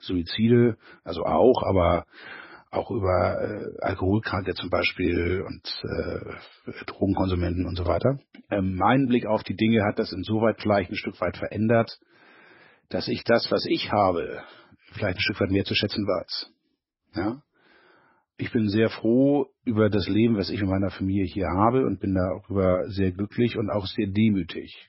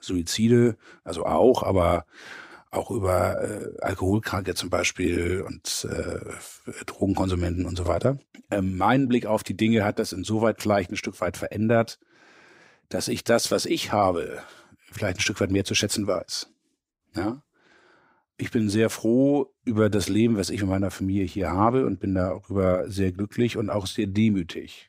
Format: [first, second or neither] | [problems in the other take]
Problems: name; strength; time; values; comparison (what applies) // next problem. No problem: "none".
second | garbled, watery; badly; nothing above 5.5 kHz